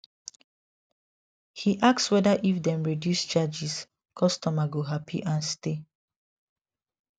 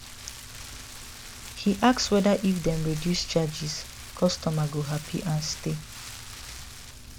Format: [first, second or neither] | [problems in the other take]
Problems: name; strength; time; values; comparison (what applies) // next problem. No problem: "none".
first | background sound (Rain); 12 dB below the speech